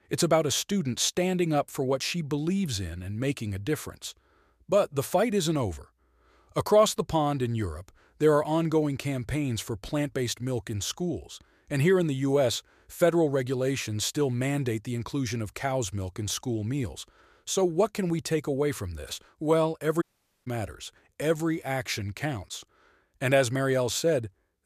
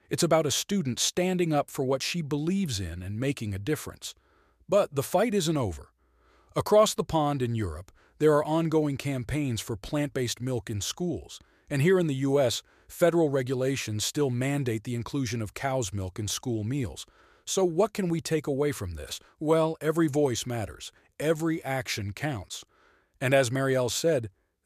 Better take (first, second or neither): second